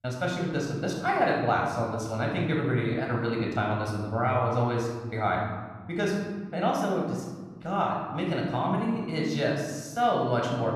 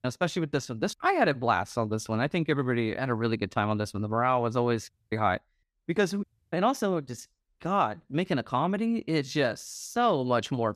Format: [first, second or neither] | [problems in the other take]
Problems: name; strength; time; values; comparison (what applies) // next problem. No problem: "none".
second | off-mic speech; somewhat distant // room echo; noticeable; dies away in 1.4 s